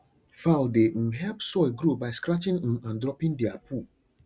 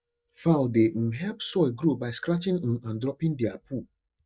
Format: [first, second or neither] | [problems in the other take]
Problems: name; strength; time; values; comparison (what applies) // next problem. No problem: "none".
first | noise reduction (neural mask model DeepFilterNet 3)